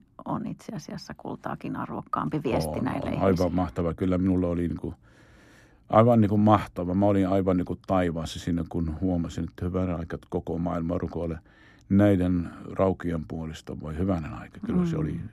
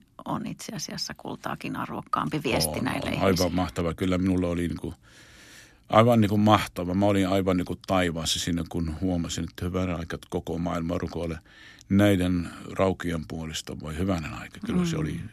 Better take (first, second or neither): second